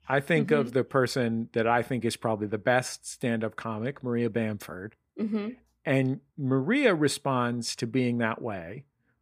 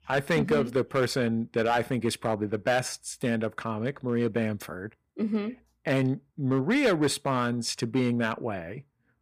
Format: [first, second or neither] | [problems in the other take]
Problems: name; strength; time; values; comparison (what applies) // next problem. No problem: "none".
first | distortion; slight; 4% of the sound clipped